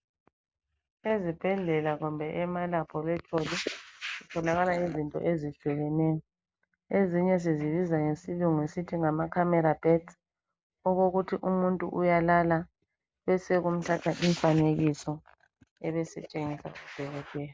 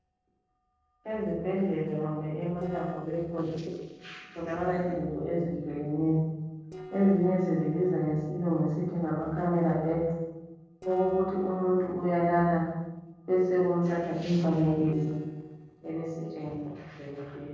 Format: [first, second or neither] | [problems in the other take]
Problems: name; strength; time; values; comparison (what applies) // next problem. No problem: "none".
first | noise reduction (neural separator model SepFormer DNS4)